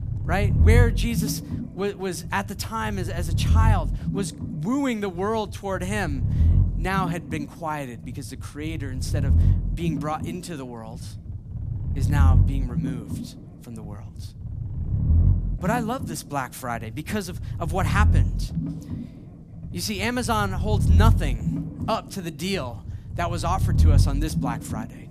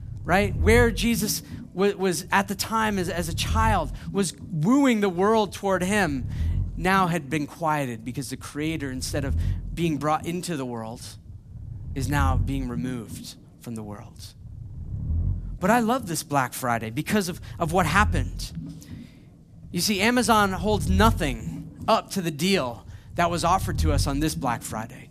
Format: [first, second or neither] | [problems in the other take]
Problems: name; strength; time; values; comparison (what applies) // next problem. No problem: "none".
second | low rumble; loud; throughout; 9 dB below the speech; faint in the second